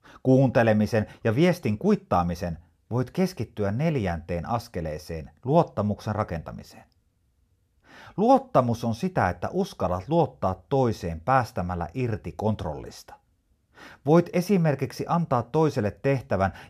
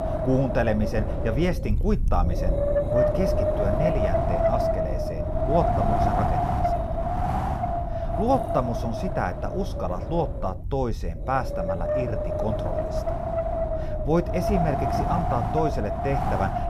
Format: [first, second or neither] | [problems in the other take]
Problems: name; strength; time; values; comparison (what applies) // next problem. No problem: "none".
first | wind noise on the microphone; heavy; 3 dB above the speech